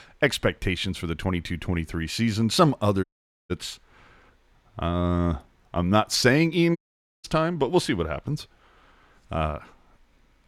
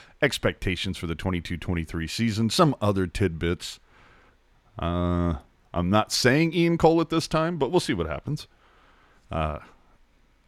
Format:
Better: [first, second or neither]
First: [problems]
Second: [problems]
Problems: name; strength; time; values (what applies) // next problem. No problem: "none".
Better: second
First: audio cutting out; at 3 s and at 7 s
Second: none